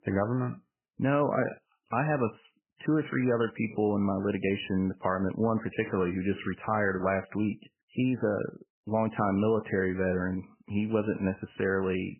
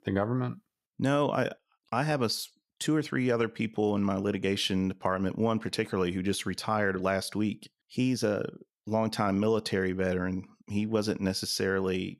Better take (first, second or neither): second